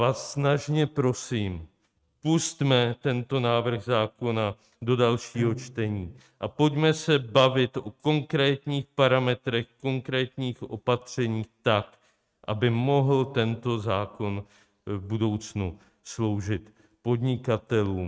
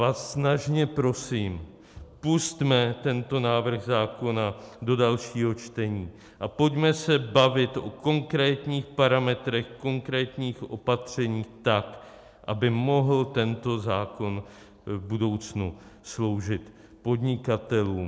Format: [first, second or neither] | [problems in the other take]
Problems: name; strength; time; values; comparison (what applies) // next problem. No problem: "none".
second | noise reduction (neural mask model RNNoise)